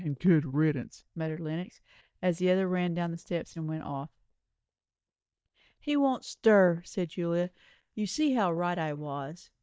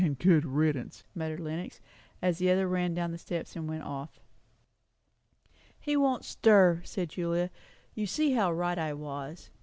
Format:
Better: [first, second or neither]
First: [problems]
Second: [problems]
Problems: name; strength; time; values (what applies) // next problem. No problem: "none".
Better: second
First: noise reduction (neural mask model DeepFilterNet 3)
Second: none